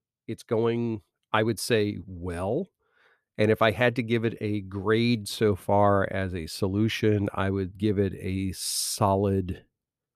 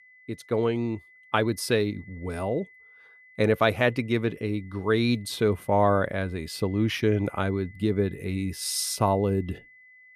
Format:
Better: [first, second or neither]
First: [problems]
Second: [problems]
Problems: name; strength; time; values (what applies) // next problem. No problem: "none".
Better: first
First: none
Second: high-pitched whine; faint; throughout; 2 kHz, 25 dB below the speech